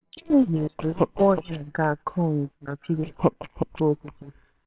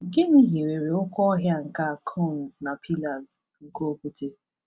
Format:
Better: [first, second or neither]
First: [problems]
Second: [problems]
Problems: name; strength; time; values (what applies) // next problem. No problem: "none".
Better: second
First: noise reduction (neural separator model SepFormer WHAMR!)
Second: none